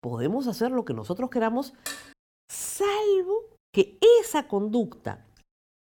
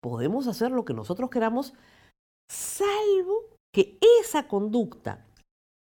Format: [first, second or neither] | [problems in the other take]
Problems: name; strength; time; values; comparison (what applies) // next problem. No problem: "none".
second | clattering dishes; faint; at 2 s; peak 10 dB below the speech